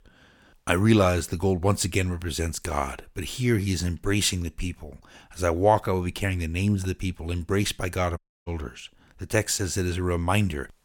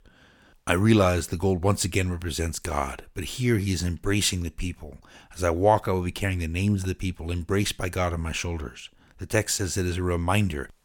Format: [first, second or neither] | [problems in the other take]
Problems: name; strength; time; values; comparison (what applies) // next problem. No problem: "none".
second | audio cutting out; at 8 s